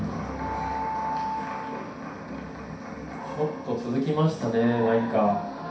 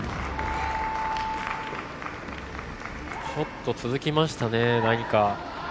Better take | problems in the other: second | room echo; dies away in 0.6 s

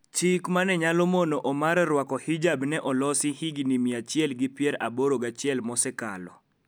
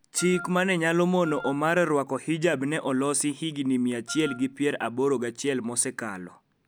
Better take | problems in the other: first | background sound (Wind instrument, woodwind instrument); 16 dB below the speech

